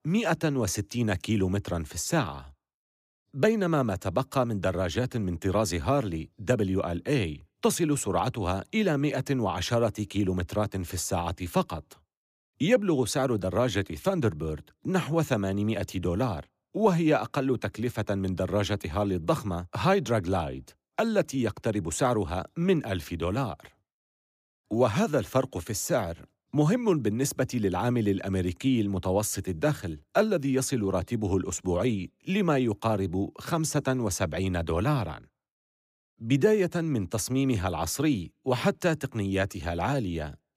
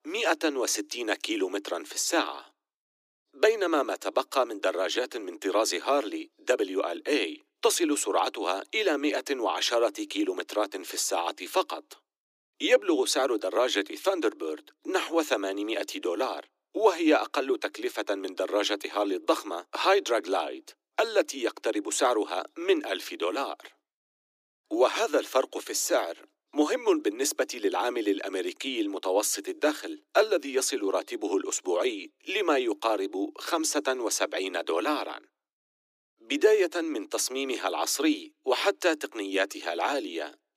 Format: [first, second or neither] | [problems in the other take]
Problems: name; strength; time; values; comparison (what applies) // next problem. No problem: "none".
first | thin; somewhat; fading below 300 Hz